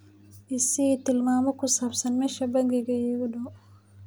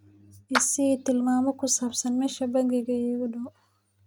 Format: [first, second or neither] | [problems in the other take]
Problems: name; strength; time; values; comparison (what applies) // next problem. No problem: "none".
first | noise reduction (neural mask model RNNoise)